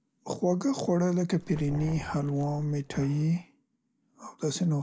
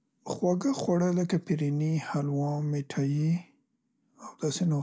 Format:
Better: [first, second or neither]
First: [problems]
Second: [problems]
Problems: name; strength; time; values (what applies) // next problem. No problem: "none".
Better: second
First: background sound (Growling); 14 dB below the speech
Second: none